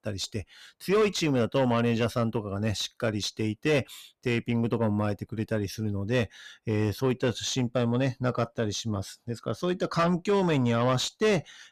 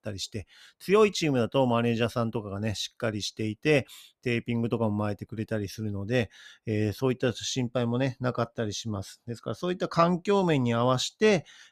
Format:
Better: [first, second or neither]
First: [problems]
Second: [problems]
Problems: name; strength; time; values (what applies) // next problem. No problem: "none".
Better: second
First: distortion; slight; 10 dB below the speech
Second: none